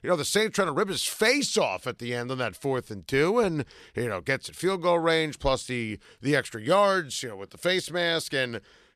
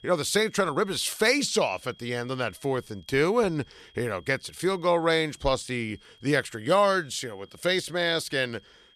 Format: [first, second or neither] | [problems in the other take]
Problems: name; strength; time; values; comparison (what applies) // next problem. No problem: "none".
first | high-pitched whine; faint; throughout; 3.5 kHz, 30 dB below the speech